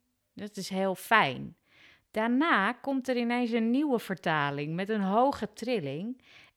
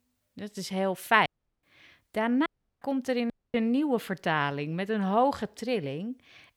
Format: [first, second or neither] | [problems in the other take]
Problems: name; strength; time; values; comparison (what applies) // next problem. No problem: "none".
first | audio cutting out; at 1.5 s, at 2.5 s and at 3.5 s